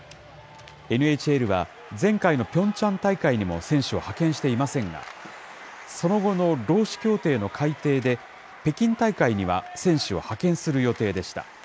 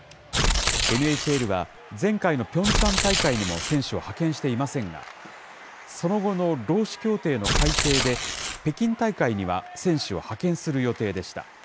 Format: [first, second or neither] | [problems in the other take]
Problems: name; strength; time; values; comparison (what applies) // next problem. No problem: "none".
first | background sound (Tearing); 1 dB above the speech